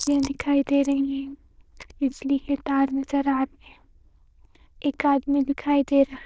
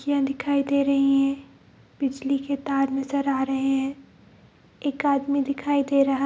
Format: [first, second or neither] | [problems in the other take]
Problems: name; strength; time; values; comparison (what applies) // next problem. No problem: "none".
second | noise reduction (neural diffusion model UNIVERSE++)